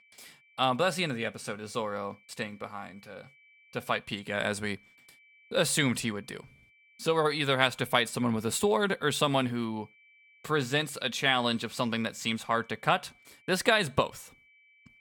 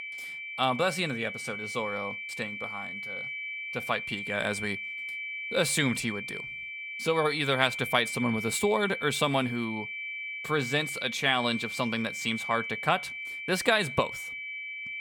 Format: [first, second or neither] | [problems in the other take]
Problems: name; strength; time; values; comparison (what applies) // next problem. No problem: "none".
first | high-pitched whine; loud; throughout; 2.5 kHz, 6 dB below the speech; faint in the first